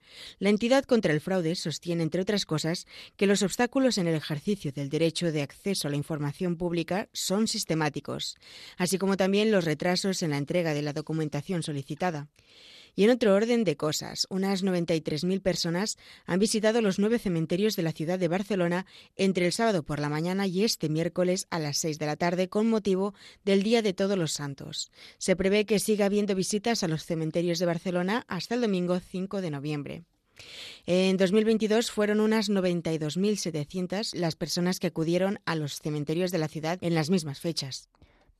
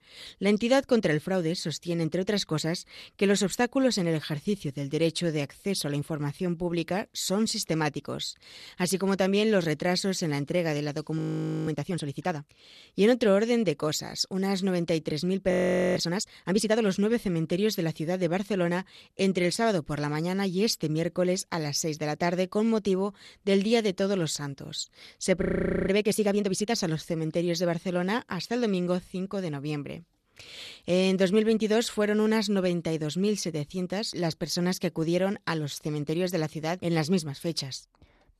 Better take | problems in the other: first | audio freezing; at 11 s, at 16 s and at 25 s

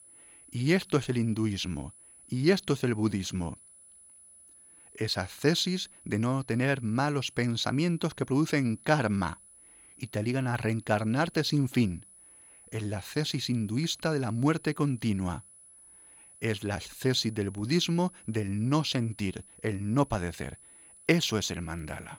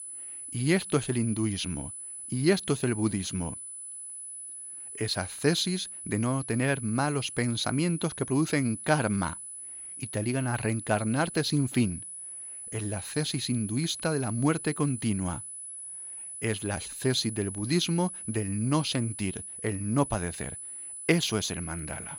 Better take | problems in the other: first | high-pitched whine; loud; throughout; 10 kHz, 9 dB below the speech; faint in the first

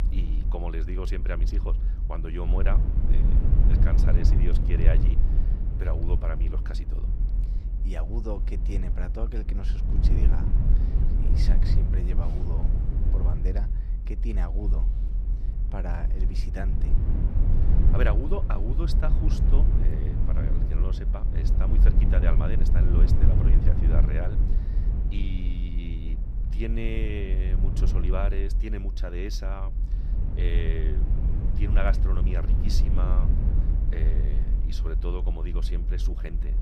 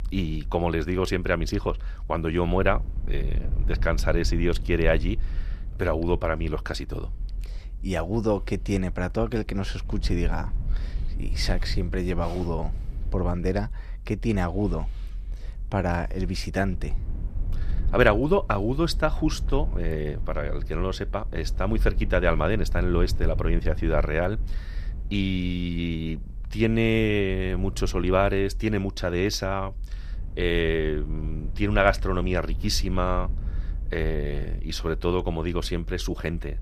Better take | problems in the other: second | low rumble; loud; throughout; 4 dB below the speech; faint in the second

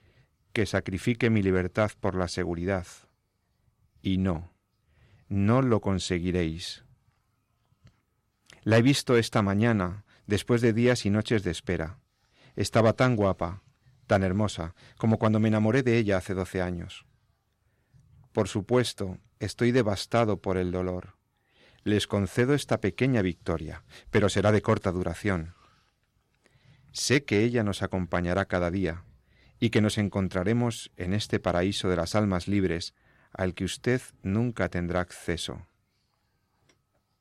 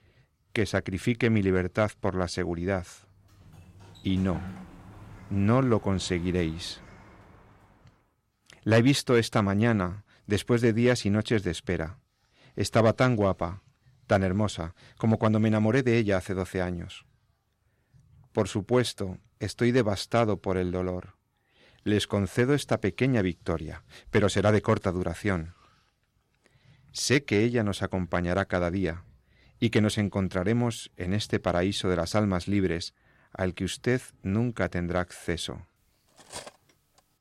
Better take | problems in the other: first | door banging; faint; from 3.5 to 7.5 s; peak 15 dB below the speech // clattering dishes; faint; at 36 s; peak 15 dB below the speech

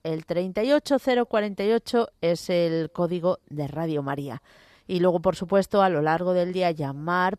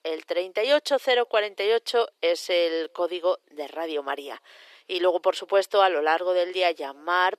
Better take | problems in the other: first | thin; very; fading below 350 Hz

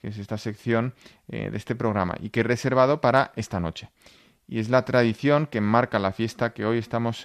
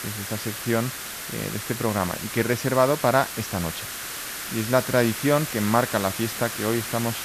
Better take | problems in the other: first | hiss; loud; throughout; 6 dB below the speech

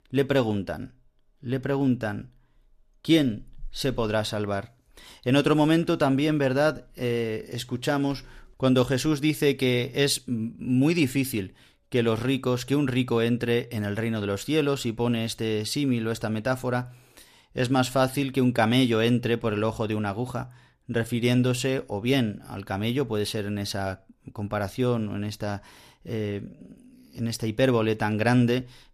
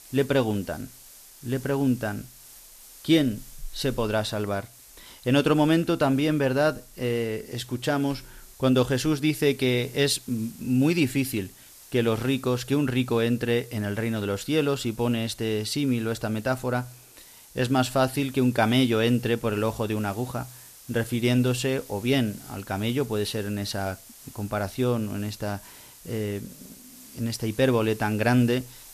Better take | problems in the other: first | hiss; faint; throughout; 20 dB below the speech

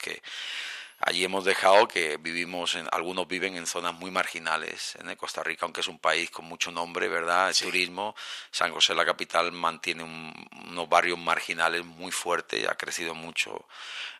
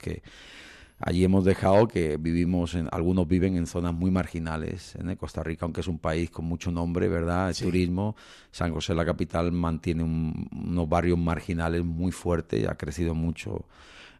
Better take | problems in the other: second | thin; very; fading below 950 Hz

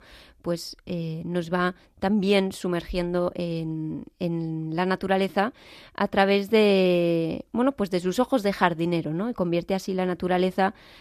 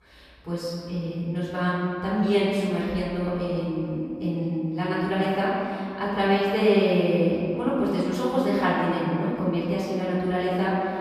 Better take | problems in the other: first | off-mic speech; far // room echo; strong; dies away in 2.2 s

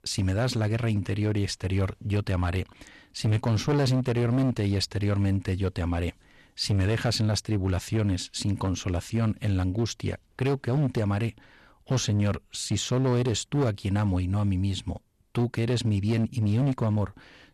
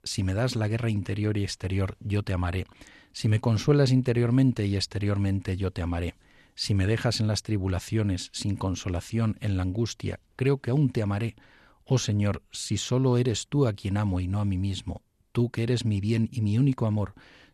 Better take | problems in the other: second | distortion; slight; 9% of the sound clipped

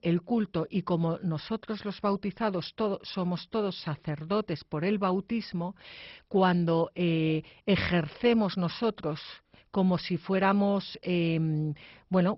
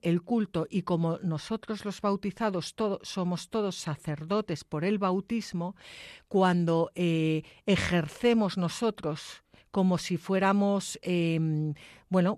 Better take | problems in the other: second | garbled, watery; badly; nothing above 5.5 kHz

